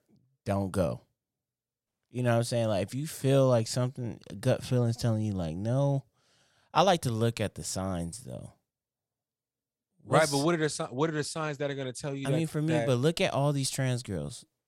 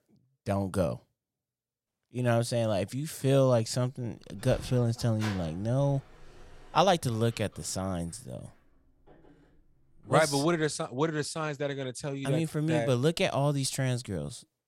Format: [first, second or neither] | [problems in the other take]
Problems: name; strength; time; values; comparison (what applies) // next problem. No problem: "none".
first | door banging; faint; from 4.5 to 10 s; peak 10 dB below the speech